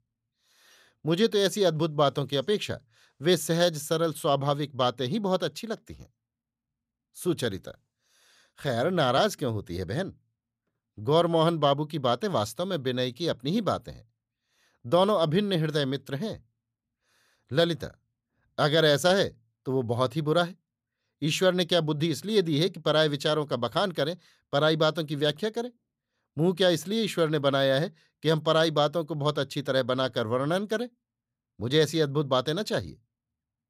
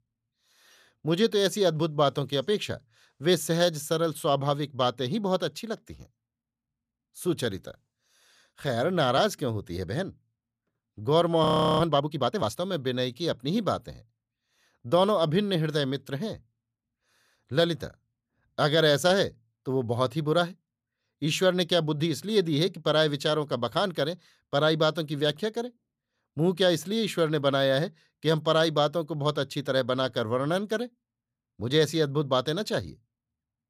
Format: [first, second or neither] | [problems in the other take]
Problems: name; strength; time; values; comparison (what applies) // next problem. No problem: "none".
first | audio freezing; at 11 s